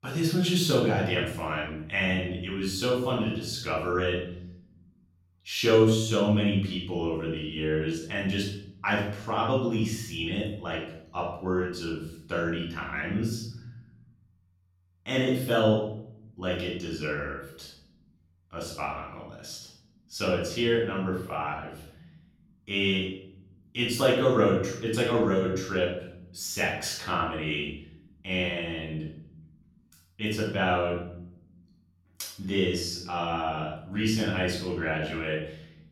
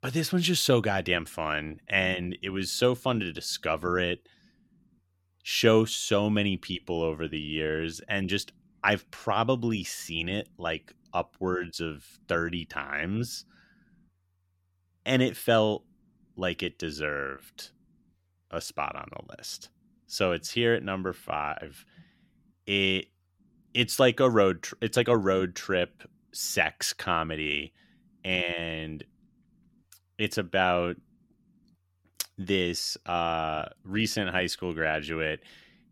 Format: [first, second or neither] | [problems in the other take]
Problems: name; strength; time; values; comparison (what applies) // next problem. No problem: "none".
second | off-mic speech; far // room echo; noticeable; dies away in 0.7 s